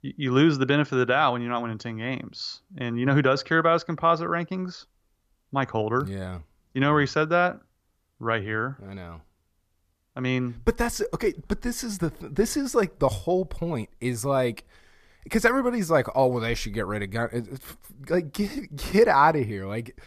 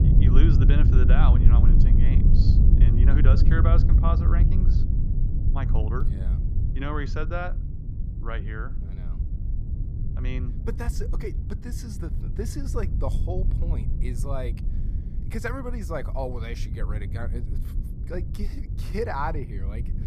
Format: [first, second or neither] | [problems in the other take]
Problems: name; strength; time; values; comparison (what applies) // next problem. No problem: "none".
first | low rumble; loud; throughout; 5 dB below the speech